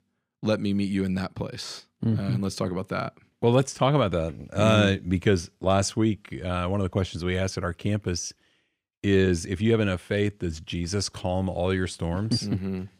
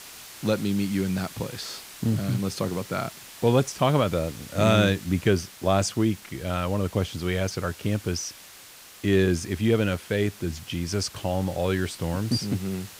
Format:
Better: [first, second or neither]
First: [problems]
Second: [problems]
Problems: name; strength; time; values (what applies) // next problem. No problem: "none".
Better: first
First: none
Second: hiss; noticeable; throughout; 15 dB below the speech